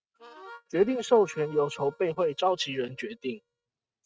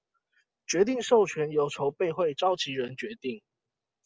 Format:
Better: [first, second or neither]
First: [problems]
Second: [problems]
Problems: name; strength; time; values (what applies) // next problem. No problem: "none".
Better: second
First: noise reduction (neural mask model RNNoise)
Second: none